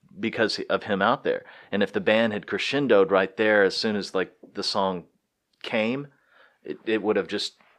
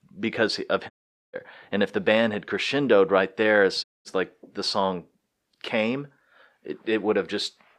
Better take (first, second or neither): first